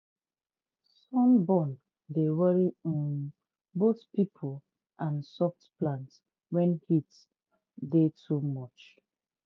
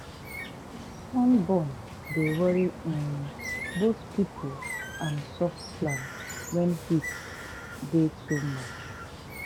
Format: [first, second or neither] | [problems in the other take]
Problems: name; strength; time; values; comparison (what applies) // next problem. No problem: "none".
first | background sound (Bird); 9 dB below the speech